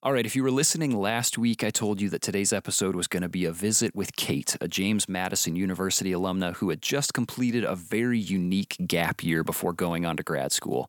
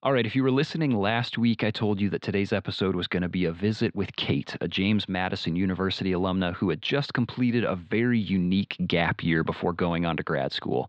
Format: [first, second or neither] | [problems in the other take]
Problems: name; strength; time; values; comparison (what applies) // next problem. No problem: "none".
first | muffled; slightly; fading above 4 kHz